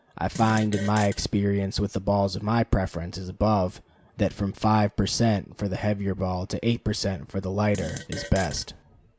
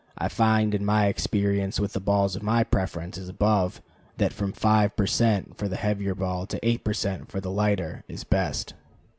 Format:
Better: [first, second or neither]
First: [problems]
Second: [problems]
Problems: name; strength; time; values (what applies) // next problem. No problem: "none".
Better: second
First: background sound (Fart); 13 dB below the speech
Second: none